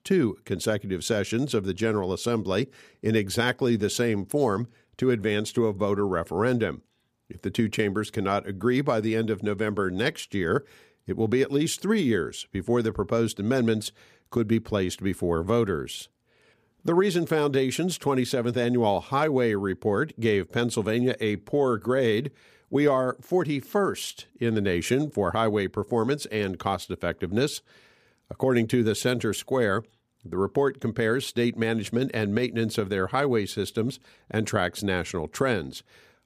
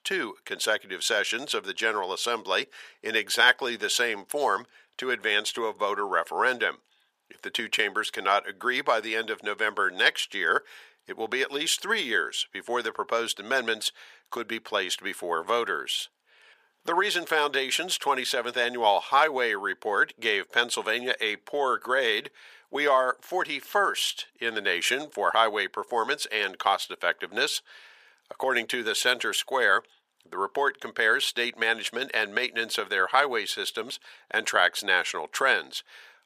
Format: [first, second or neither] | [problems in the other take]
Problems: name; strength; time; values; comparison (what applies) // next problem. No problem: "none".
first | thin; very; fading below 750 Hz